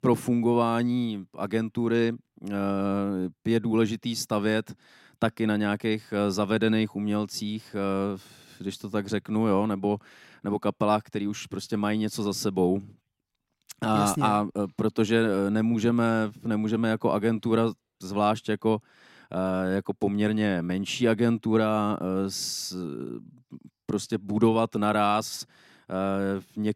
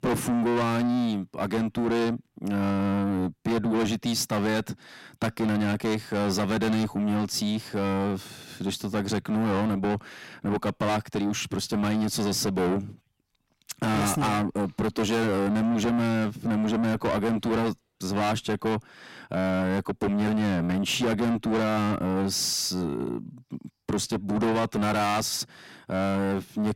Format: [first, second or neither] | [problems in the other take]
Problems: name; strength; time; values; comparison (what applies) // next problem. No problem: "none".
first | distortion; heavy; 5 dB below the speech